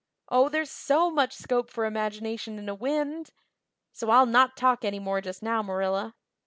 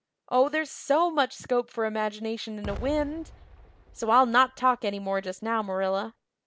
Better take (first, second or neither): first